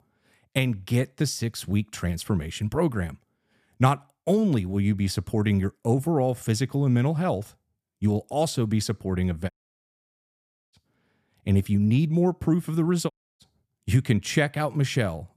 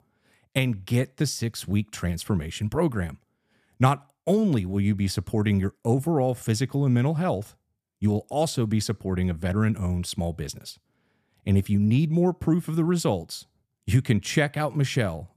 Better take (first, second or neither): second